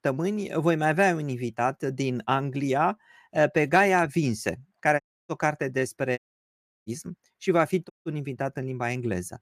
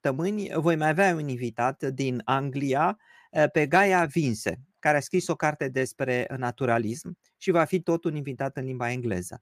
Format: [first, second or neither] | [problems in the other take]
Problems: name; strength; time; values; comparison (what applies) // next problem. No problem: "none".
second | audio cutting out; at 5 s, at 6 s for 0.5 s and at 8 s